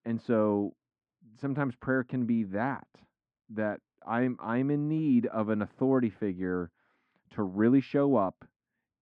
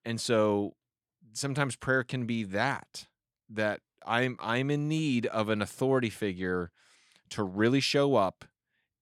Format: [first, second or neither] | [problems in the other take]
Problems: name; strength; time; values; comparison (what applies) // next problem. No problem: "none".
second | muffled; very; fading above 1 kHz